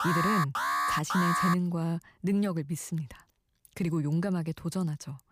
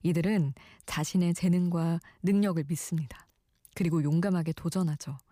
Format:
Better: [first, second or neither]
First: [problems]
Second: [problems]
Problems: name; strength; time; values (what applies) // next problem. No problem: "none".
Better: second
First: alarm; loud; until 1.5 s; peak 3 dB above the speech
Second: none